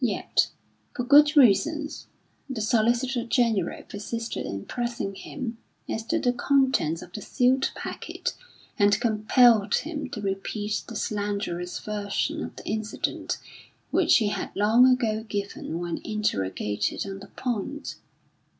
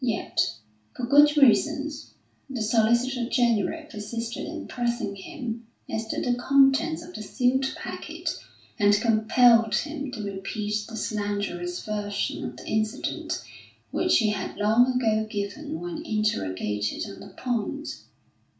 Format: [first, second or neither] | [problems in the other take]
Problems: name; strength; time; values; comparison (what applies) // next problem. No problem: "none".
first | room echo; dies away in 0.3 s